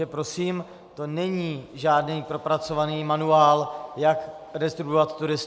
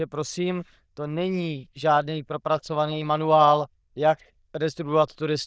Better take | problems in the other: first | noise reduction (neural diffusion model UNIVERSE++)

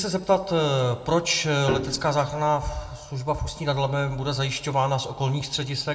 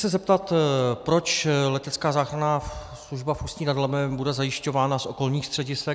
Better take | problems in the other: second | background sound (Piano); 11 dB below the speech // room echo; dies away in 1.5 s

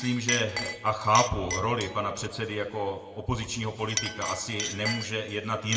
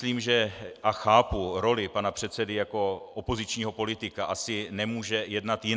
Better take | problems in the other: second | background sound (Chink, clink); 7 dB below the speech // room echo; dies away in 1.5 s

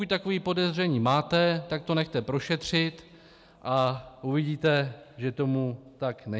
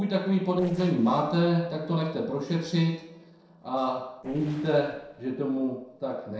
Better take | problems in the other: first | noise reduction (neural separator model SepFormer DNS4)

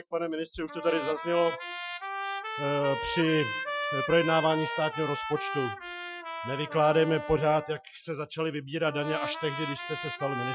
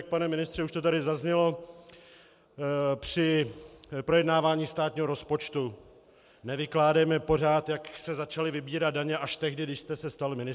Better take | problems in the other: second | noise reduction (classical method Wiener filter)

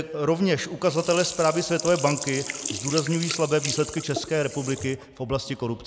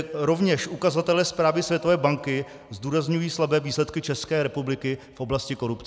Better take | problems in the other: second | background sound (Sink (filling or washing)); 10 dB below the speech

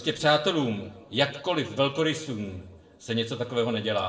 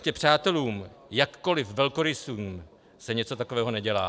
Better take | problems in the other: second | room echo; dies away in 0.7 s

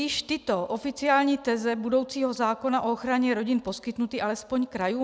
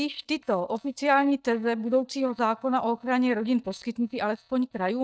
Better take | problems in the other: first | noise reduction (neural mask model DeepFilterNet 3)

